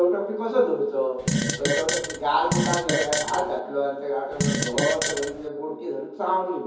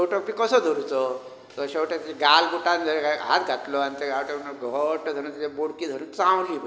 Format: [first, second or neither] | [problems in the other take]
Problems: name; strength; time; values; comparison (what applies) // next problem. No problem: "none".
second | background sound (Fart); 1 dB below the speech // room echo; dies away in 0.6 s